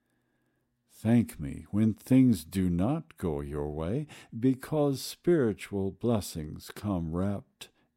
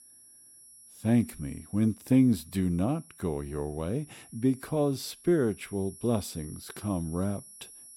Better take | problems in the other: first | high-pitched whine; noticeable; throughout; 10 kHz, 20 dB below the speech

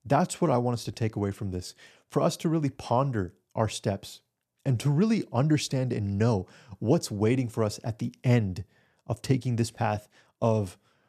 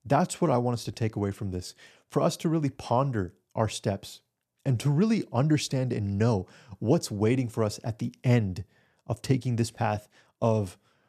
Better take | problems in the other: neither | none

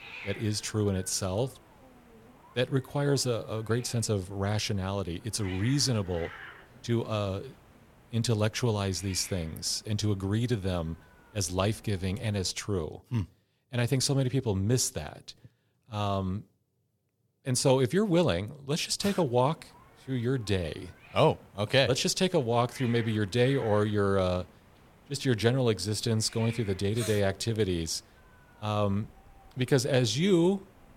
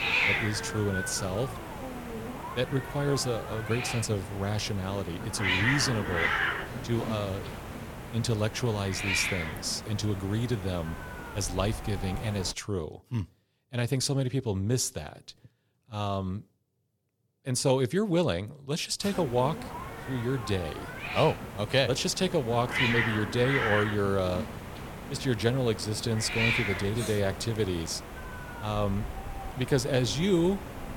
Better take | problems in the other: first | hiss; loud; until 13 s and from 19 s on; 4 dB below the speech; faint in the first

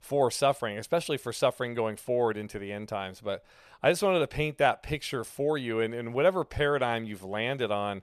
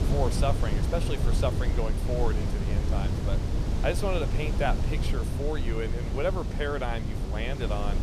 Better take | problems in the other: first | wind noise on the microphone; heavy; 6 dB below the speech

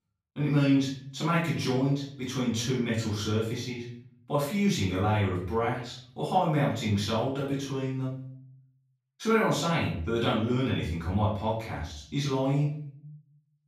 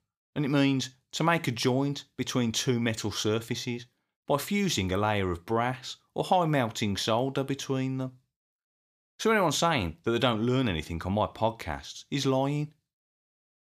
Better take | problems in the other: second | room echo; noticeable; dies away in 0.6 s // off-mic speech; far

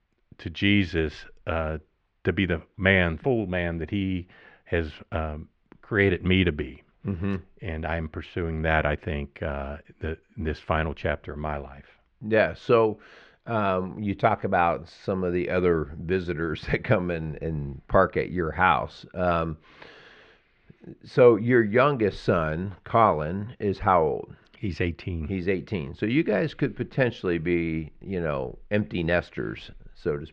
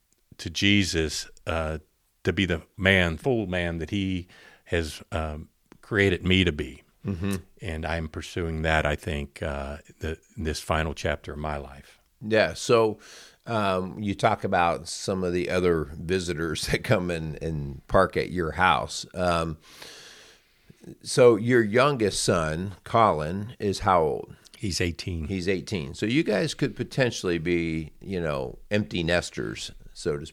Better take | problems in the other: second | muffled; very; fading above 2.5 kHz

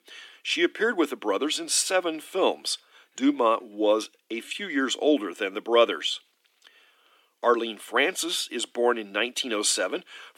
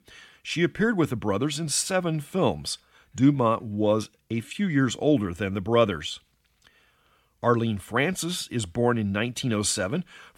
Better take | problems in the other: second | thin; somewhat; fading below 300 Hz

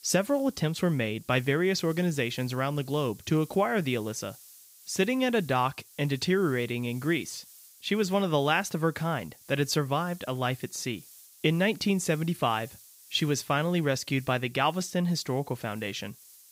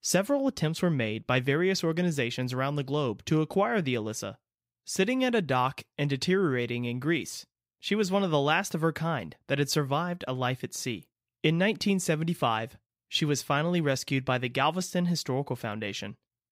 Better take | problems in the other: second | hiss; faint; throughout; 20 dB below the speech

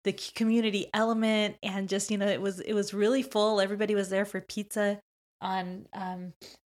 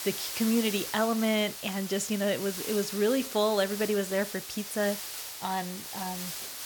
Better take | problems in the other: first | hiss; loud; throughout; 7 dB below the speech

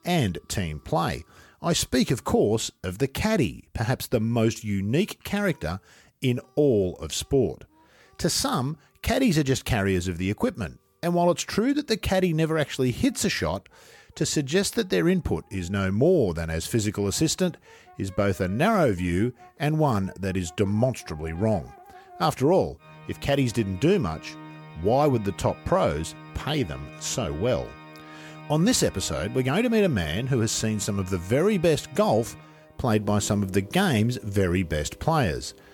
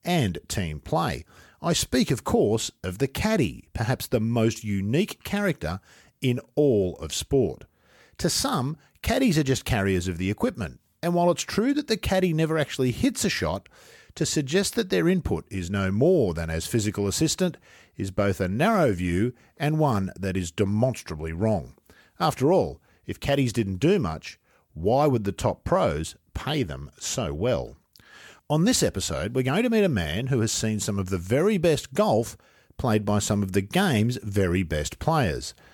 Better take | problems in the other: second | background music; faint; throughout; 20 dB below the speech

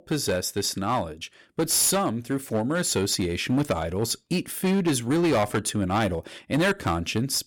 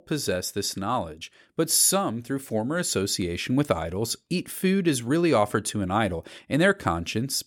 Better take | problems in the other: second | distortion; slight; 9% of the sound clipped

